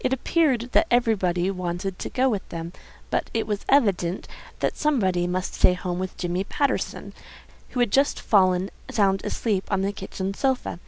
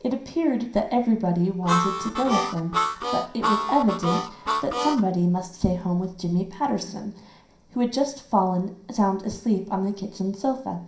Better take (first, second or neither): first